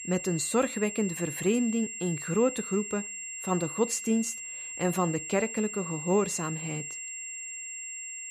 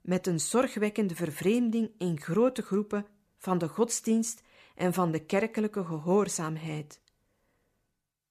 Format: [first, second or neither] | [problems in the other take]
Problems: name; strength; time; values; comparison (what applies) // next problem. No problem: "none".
second | high-pitched whine; loud; throughout; 7.5 kHz, 7 dB below the speech